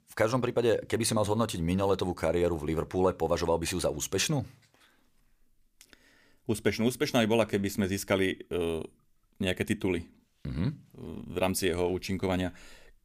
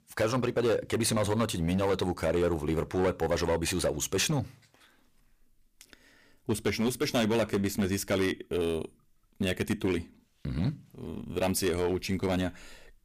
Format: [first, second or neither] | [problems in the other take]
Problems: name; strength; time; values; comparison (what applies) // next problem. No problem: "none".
first | distortion; slight; 7% of the sound clipped